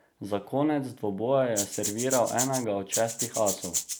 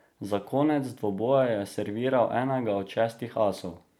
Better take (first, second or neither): second